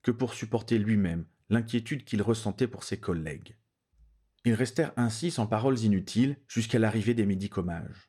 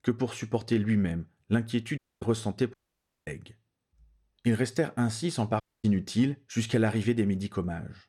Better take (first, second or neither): first